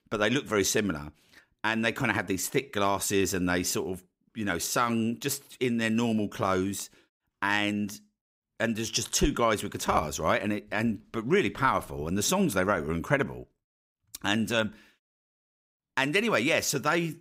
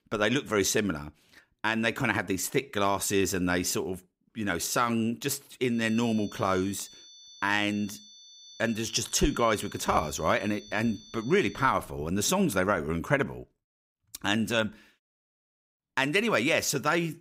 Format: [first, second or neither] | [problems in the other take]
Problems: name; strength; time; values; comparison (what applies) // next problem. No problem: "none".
first | high-pitched whine; faint; from 6 to 12 s; 3.5 kHz, 20 dB below the speech